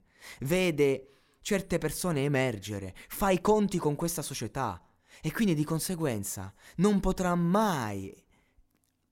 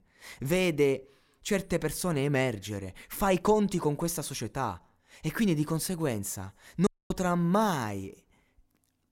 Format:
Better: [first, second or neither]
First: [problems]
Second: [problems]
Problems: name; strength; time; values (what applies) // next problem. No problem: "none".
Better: first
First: none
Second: audio cutting out; at 7 s